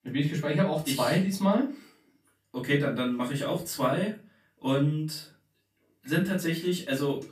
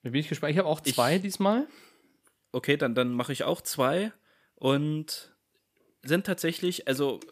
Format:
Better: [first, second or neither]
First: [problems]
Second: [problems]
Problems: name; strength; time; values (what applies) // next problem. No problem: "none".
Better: second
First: off-mic speech; far // room echo; very slight; dies away in 0.3 s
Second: none